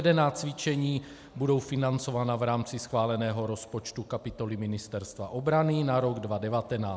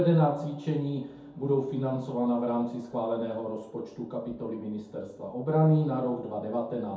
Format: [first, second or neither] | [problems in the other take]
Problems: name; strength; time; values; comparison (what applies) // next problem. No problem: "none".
first | room echo; dies away in 0.6 s